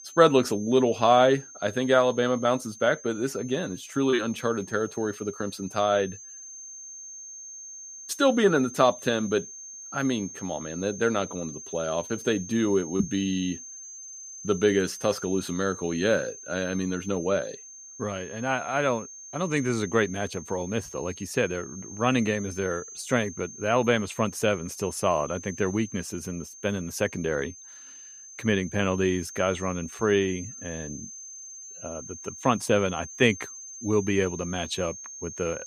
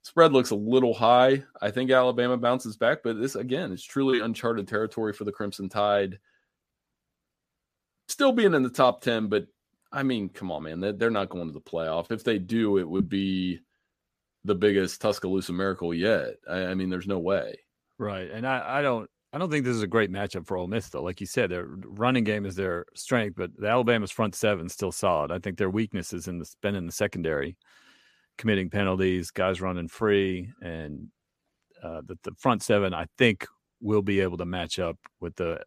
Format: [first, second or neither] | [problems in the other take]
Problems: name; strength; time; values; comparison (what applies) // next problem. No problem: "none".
second | high-pitched whine; noticeable; throughout; 6.5 kHz, 15 dB below the speech